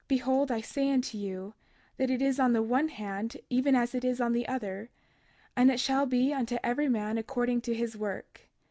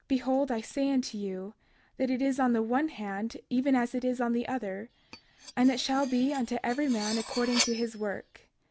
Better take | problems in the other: first | background sound (Cutlery, silverware); 9 dB below the speech

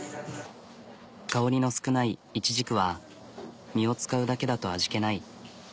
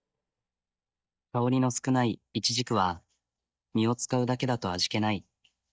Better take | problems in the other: first | noise reduction (neural mask model DeepFilterNet 3)

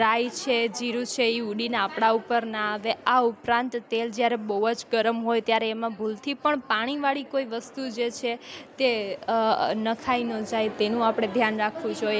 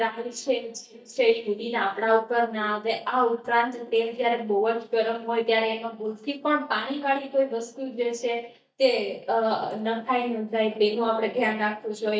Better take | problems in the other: first | noise reduction (neural mask model DeepFilterNet 3)

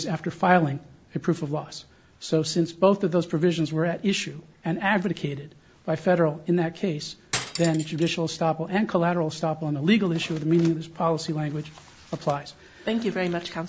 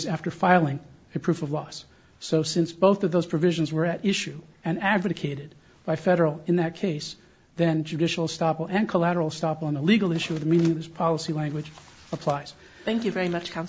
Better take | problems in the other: second | background sound (Cutlery, silverware); 10 dB below the speech

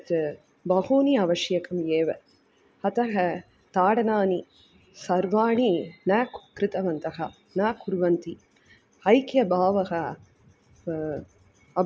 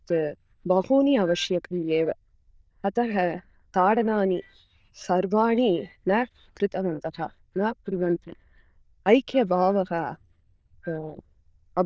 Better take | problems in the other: first | noise reduction (neural diffusion model UNIVERSE++)

